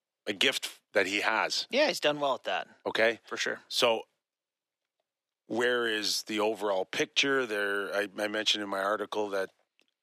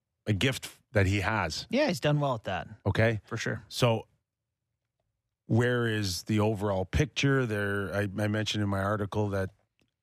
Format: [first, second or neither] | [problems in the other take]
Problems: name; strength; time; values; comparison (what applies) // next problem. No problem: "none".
second | thin; somewhat; fading below 350 Hz